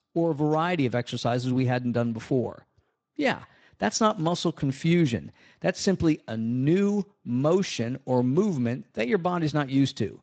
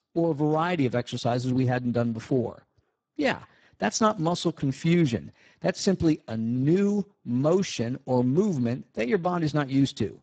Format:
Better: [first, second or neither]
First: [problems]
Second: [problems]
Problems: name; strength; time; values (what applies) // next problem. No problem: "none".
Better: first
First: garbled, watery; slightly; nothing above 7.5 kHz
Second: garbled, watery; badly; nothing above 7.5 kHz